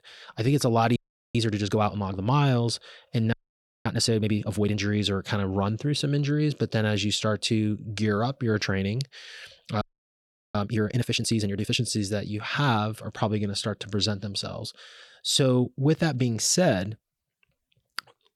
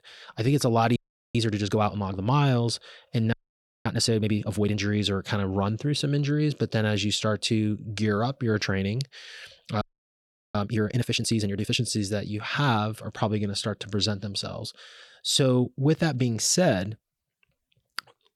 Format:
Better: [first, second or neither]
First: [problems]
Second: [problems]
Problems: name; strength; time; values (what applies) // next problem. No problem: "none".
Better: neither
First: audio freezing; at 1 s, at 3.5 s for 0.5 s and at 10 s for 0.5 s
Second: audio freezing; at 1 s, at 3.5 s for 0.5 s and at 10 s for 0.5 s